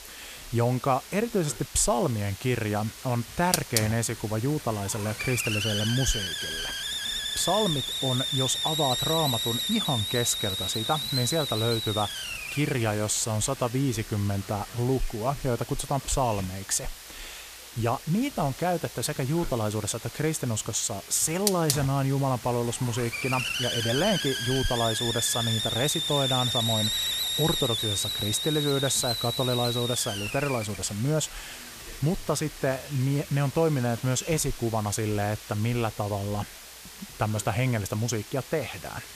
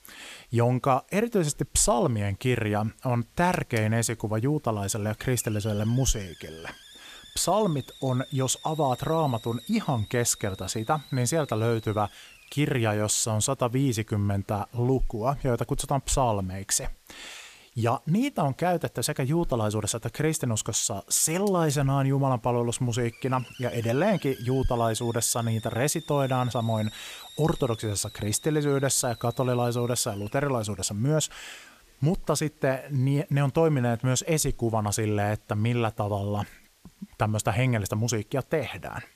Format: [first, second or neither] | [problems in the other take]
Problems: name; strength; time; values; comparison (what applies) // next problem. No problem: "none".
second | hiss; loud; throughout; 2 dB below the speech; faint in the second